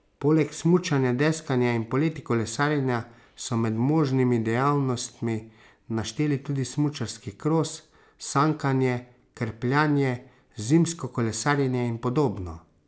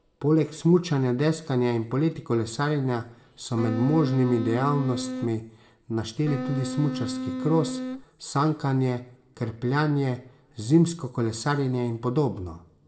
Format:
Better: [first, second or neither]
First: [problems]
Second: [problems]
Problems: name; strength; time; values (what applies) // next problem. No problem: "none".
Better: first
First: none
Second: background sound (Wind instrument, woodwind instrument); 5 dB below the speech // room echo; dies away in 0.6 s